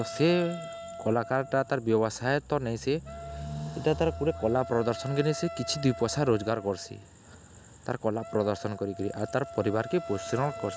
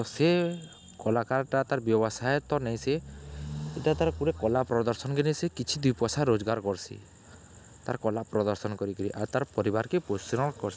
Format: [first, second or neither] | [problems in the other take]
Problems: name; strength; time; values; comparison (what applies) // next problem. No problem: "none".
second | background sound (Wind instrument, woodwind instrument); 14 dB below the speech